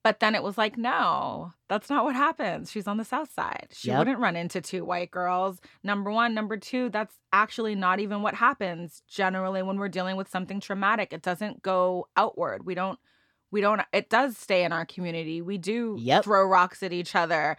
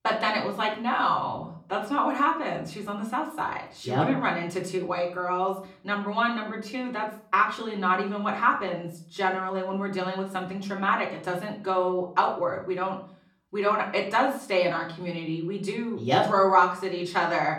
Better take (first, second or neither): first